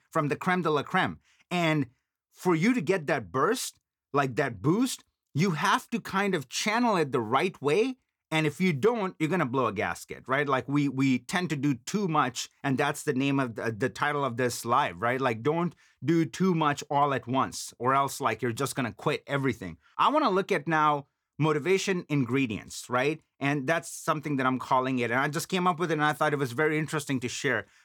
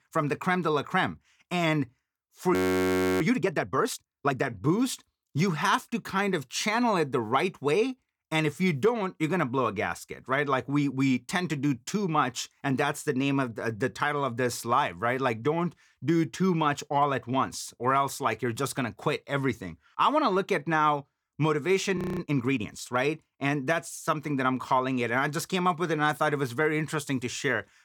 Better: first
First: none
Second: audio freezing; at 2.5 s for 0.5 s and at 22 s

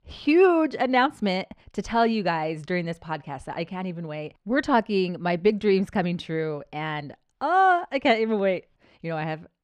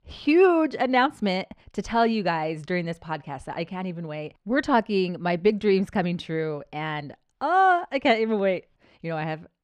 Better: neither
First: muffled; slightly; fading above 4 kHz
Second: muffled; slightly; fading above 4 kHz

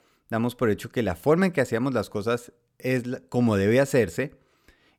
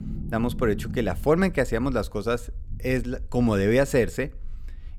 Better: first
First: none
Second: low rumble; faint; throughout; 20 dB below the speech

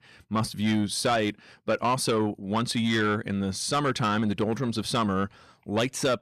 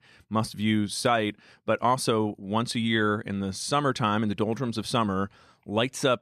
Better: second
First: distortion; slight; 10 dB below the speech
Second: none

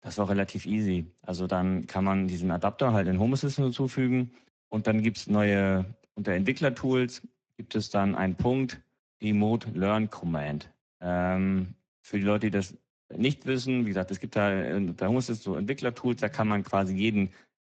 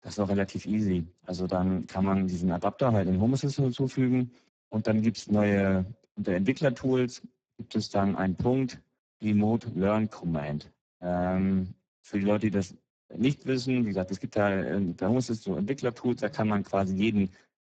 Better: first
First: garbled, watery; slightly; nothing above 7.5 kHz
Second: garbled, watery; badly; nothing above 7.5 kHz

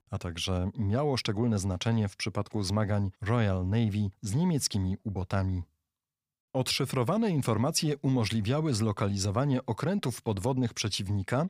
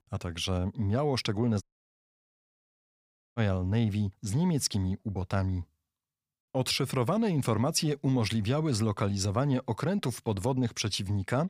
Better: first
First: none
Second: audio cutting out; at 1.5 s for 1.5 s

